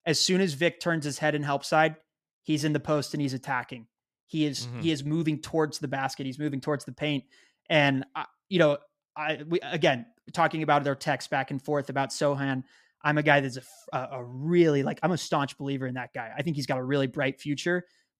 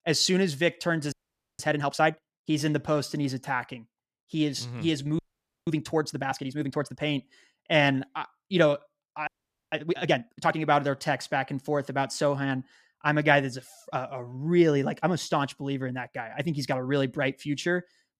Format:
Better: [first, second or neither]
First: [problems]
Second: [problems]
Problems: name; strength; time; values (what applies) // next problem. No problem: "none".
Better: first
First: none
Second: audio freezing; at 1 s, at 5 s and at 9.5 s